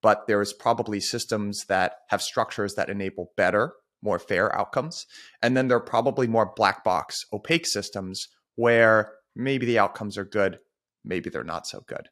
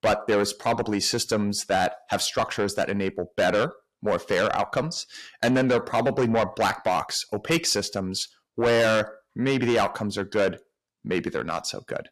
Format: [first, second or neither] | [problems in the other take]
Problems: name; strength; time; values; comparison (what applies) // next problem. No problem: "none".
first | distortion; heavy; 7 dB below the speech